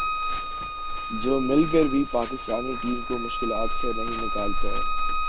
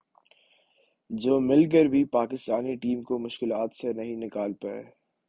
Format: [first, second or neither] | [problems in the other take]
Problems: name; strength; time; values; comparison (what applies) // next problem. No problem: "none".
second | background sound (Livestock, farm animals, working animals + Bowed string instrument); 1 dB above the speech